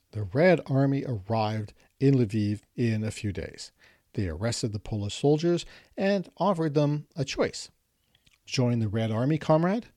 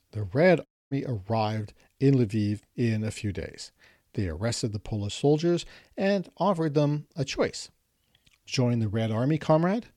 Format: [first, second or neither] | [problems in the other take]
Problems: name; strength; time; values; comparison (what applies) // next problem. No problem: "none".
first | audio cutting out; at 0.5 s